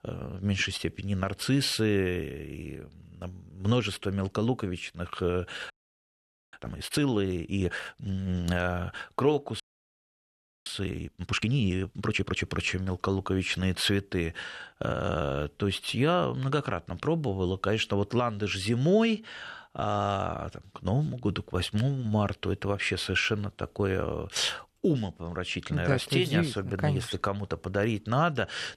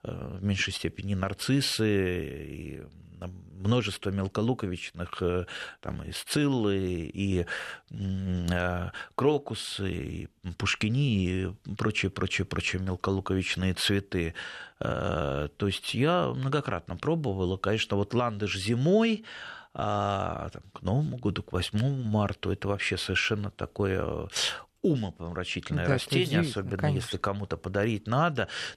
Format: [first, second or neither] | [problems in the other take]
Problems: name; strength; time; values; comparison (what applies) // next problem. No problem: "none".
second | audio freezing; at 5.5 s for 1 s and at 9.5 s for 1 s